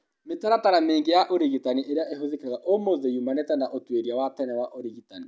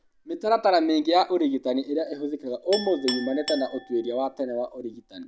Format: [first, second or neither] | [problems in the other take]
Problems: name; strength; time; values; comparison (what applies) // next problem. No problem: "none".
first | background sound (Chink, clink); 15 dB below the speech